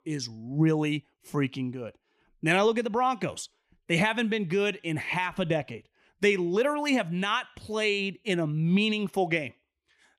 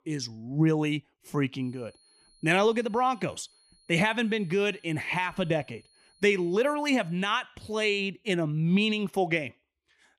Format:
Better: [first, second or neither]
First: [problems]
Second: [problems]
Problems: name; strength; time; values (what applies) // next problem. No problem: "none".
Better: first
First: none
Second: high-pitched whine; faint; from 1.5 to 7 s; 4.5 kHz, 35 dB below the speech